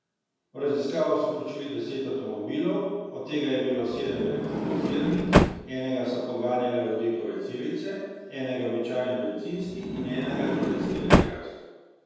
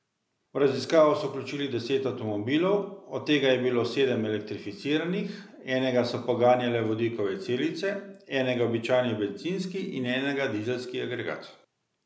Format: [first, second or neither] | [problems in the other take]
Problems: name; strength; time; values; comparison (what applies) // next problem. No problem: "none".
second | background sound (Sliding door); 3 dB above the speech // room echo; dies away in 1.2 s